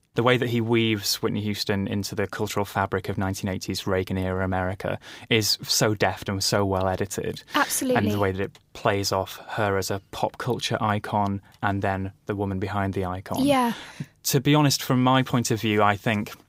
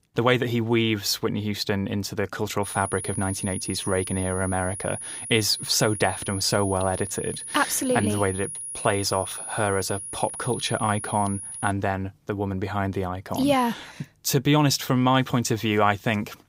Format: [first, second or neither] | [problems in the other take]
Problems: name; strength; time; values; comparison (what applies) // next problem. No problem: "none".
first | high-pitched whine; loud; from 2.5 to 12 s; 10.5 kHz, 8 dB below the speech